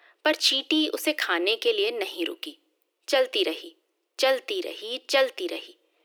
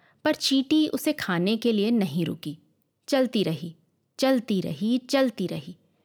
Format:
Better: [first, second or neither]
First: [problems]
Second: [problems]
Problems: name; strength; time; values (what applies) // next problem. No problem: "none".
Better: second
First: thin; very; fading below 300 Hz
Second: none